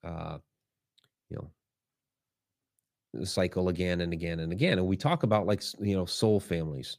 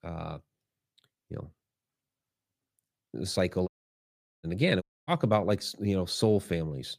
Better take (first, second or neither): first